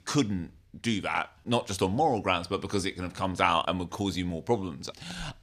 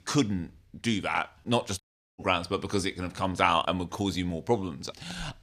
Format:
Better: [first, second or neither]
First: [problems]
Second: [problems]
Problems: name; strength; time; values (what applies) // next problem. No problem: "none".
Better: first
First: none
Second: audio cutting out; at 2 s